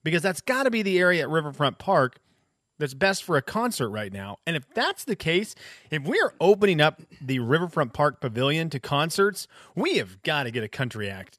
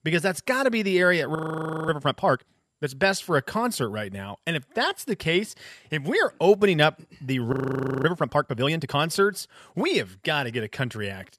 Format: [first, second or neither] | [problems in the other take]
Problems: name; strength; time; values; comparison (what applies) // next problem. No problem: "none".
first | audio freezing; at 1.5 s for 0.5 s and at 7.5 s for 0.5 s